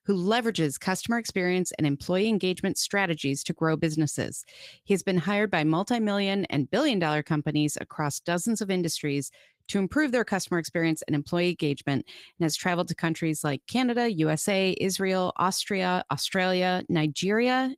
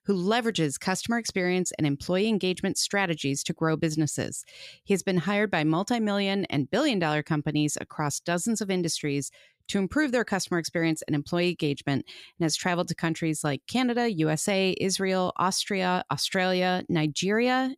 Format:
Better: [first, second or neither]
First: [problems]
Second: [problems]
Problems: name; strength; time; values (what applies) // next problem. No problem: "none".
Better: second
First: garbled, watery; slightly; nothing above 15.5 kHz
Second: none